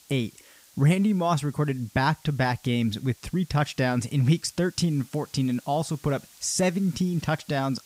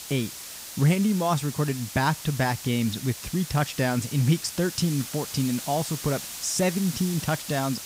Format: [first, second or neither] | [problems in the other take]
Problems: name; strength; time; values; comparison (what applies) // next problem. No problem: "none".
first | hiss; loud; throughout; 9 dB below the speech; faint in the first